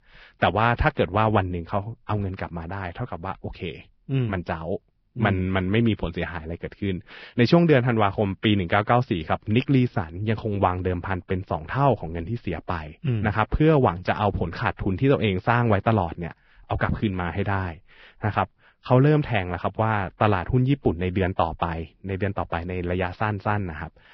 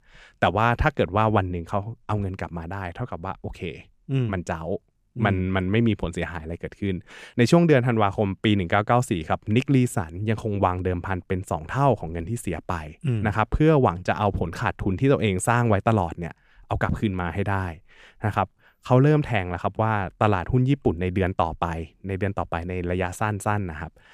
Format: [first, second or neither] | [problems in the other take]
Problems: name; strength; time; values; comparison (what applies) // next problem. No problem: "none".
second | garbled, watery; badly; nothing above 5.5 kHz